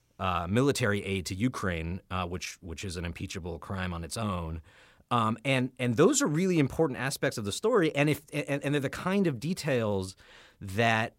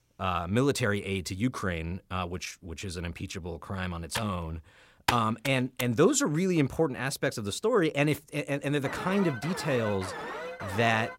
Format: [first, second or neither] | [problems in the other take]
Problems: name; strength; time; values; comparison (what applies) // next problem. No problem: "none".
first | keyboard typing; noticeable; from 4 to 6 s; peak 2 dB below the speech // alarm; noticeable; from 9 s on; peak 7 dB below the speech